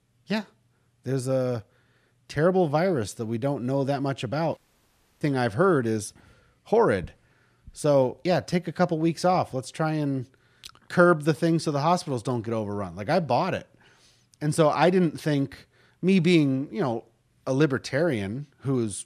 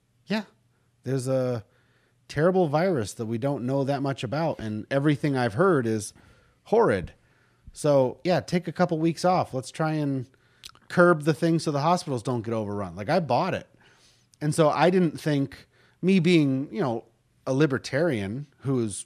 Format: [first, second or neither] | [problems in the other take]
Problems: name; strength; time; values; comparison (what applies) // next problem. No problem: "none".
second | audio cutting out; at 4.5 s for 0.5 s